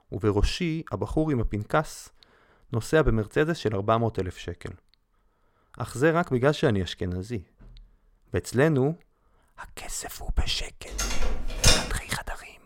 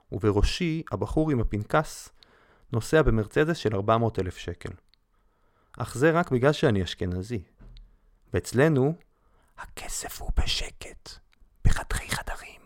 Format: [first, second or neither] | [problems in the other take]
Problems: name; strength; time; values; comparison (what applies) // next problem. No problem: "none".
second | door banging; loud; at 11 s; peak 6 dB above the speech